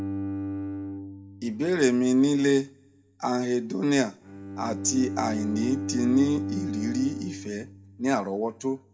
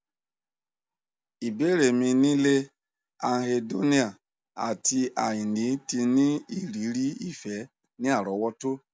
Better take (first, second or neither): second